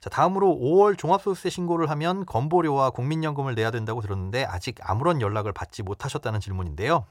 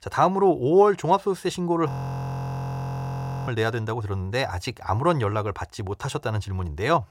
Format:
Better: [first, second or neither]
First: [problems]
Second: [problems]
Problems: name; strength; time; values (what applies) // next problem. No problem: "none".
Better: first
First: none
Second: audio freezing; at 2 s for 1.5 s